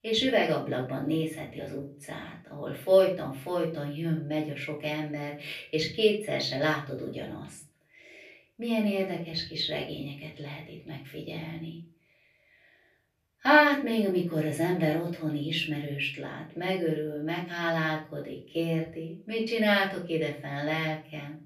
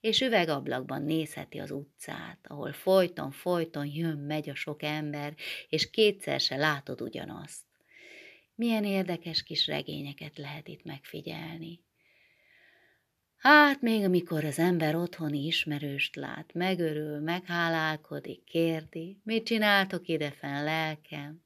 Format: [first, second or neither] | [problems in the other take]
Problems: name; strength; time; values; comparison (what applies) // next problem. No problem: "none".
second | off-mic speech; far // room echo; slight; dies away in 0.3 s